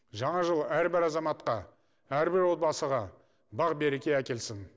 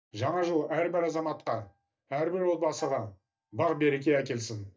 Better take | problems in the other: first | noise reduction (neural mask model DeepFilterNet 3)

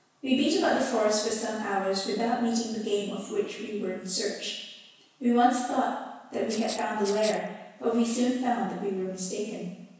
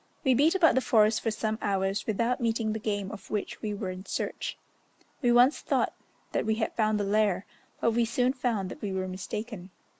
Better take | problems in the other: second | background sound (Rattle (instrument)); 12 dB below the speech // room echo; dies away in 1.1 s

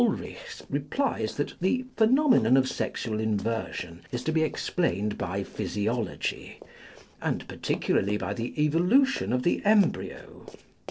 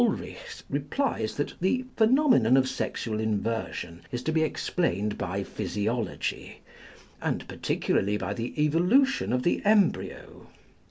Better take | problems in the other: second | noise reduction (neural separator model SepFormer DNS4)

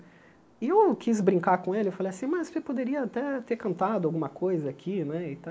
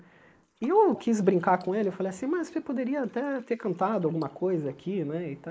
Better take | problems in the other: first | noise reduction (neural mask model Resemble Enhance denoiser)

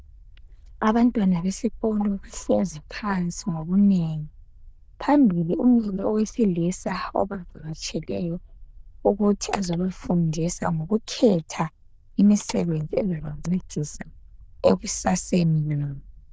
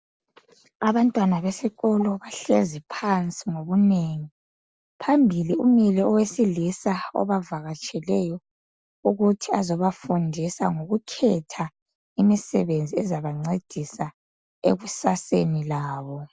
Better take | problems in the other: second | noise reduction (neural diffusion model UNIVERSE++)

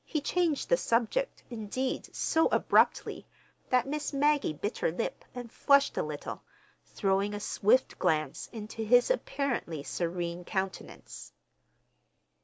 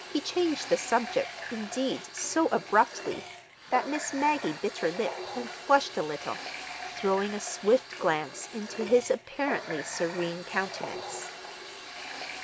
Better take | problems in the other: first | background sound (Water tap, faucet); 10 dB below the speech

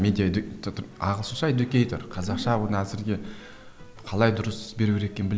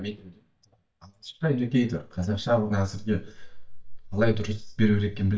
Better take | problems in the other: first | noise reduction (neural mask model DeepFilterNet 3)

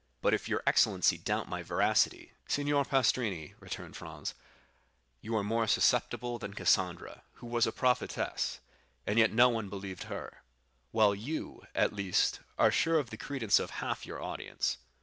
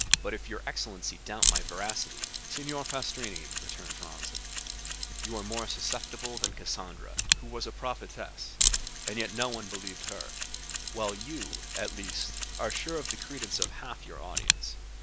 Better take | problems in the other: first | background sound (Mechanisms); 5 dB above the speech

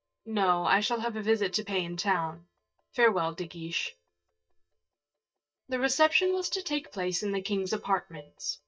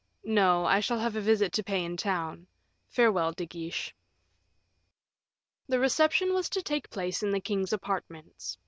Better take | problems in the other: second | noise reduction (neural mask model DeepFilterNet 3)

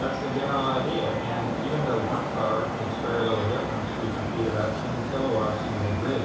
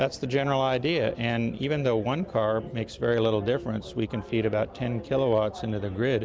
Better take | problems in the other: second | background sound (Traffic noise, roadway noise); 2 dB below the speech // room echo; dies away in 0.7 s

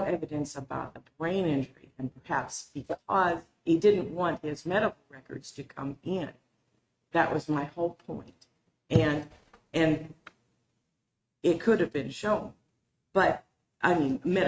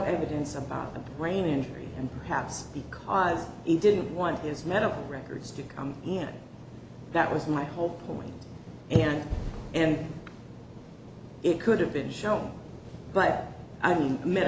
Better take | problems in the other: second | noise reduction (neural mask model RNNoise)

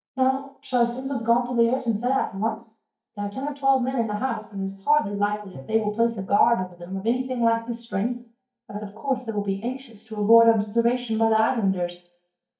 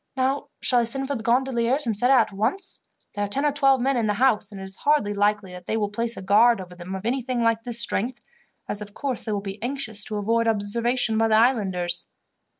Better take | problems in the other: second | noise reduction (neural mask model DeepFilterNet 3)

